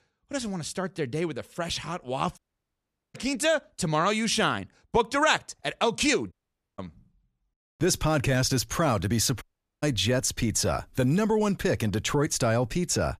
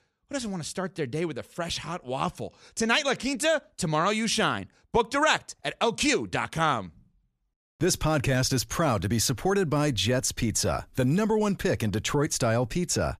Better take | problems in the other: second | audio cutting out; at 2.5 s for 1 s, at 6.5 s and at 9.5 s

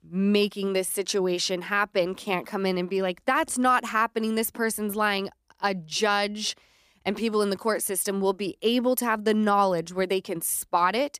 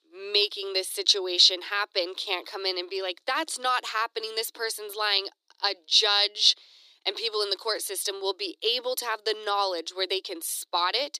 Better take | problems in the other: first | thin; very; fading below 300 Hz

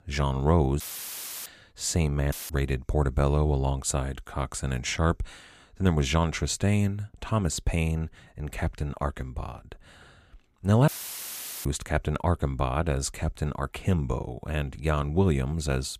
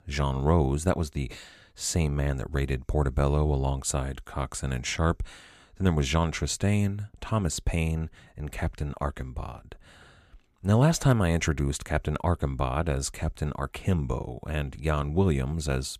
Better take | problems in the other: second | audio cutting out; filled with static; at 1 s for 0.5 s, at 2.5 s and at 11 s for 1 s

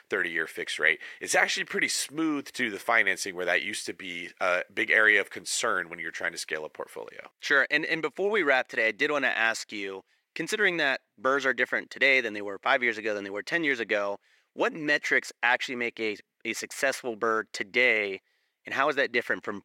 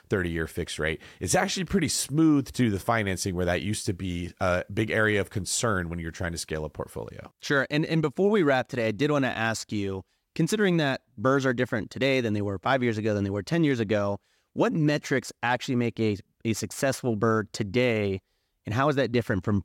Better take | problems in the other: second | thin; very; fading below 450 Hz

